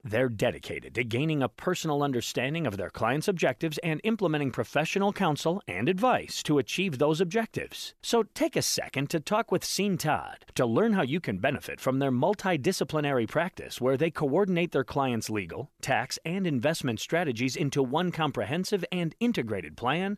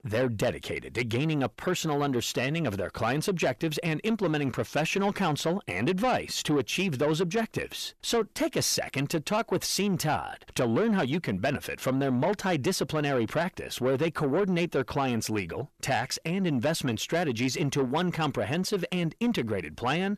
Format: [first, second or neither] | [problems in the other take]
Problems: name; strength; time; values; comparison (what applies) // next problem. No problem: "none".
first | distortion; slight; 10 dB below the speech